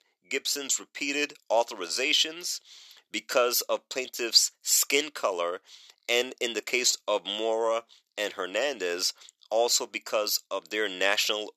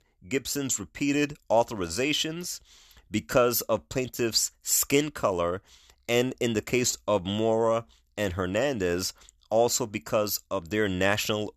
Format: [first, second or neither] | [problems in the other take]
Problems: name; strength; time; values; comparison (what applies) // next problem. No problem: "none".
second | thin; somewhat; fading below 400 Hz